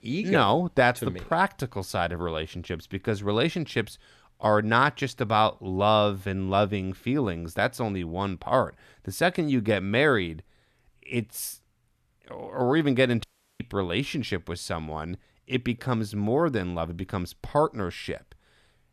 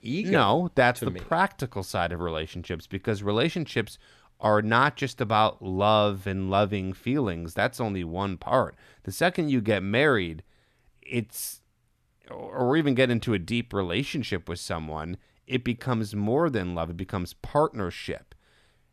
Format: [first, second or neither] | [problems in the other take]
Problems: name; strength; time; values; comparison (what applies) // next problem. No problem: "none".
second | audio cutting out; at 13 s